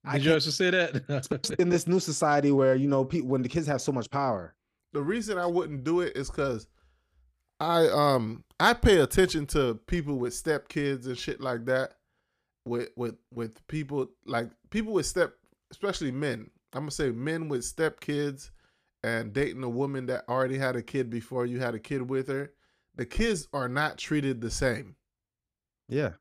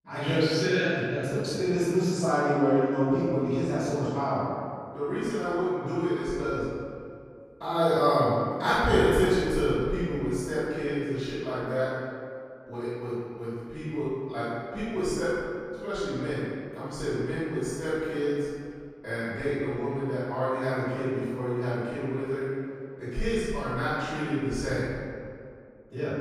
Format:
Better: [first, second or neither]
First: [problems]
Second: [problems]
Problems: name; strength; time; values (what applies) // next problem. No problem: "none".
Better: first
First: none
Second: off-mic speech; far // room echo; strong; dies away in 2.1 s